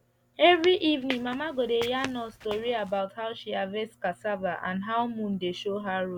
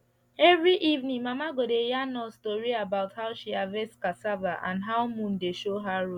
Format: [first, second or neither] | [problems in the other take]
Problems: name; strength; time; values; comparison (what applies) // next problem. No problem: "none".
second | background sound (Squeak / Walk, footsteps); 13 dB below the speech